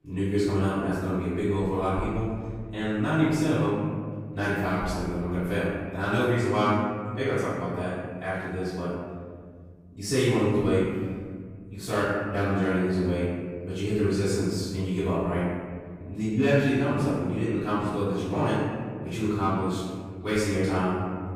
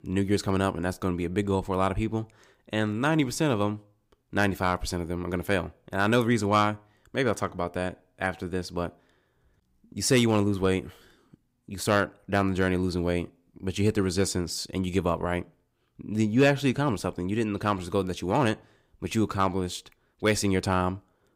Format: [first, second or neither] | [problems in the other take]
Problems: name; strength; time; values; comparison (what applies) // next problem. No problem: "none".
second | off-mic speech; far // room echo; strong; dies away in 2.1 s